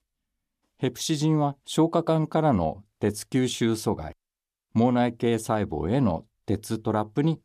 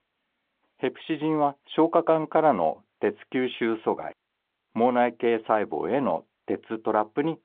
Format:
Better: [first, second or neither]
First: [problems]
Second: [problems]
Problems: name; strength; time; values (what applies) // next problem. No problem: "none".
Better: first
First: none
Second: phone-call audio; nothing above 3.5 kHz